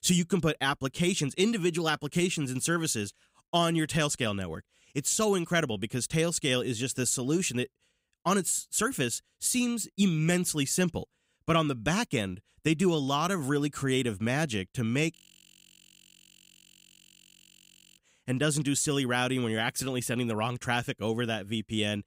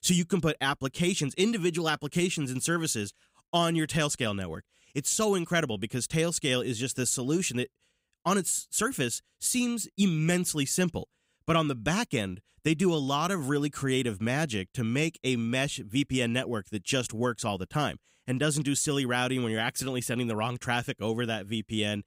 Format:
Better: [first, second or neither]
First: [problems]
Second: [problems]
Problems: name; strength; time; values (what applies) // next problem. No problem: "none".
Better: second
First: audio freezing; at 15 s for 3 s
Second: none